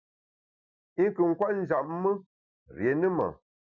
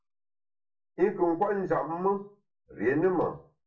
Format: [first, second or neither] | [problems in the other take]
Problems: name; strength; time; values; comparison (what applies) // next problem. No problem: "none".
first | room echo; dies away in 0.3 s